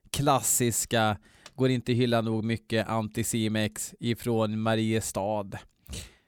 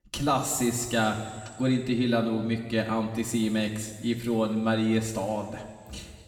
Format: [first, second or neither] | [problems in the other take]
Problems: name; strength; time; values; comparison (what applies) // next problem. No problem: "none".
first | room echo; noticeable; dies away in 2.1 s // off-mic speech; far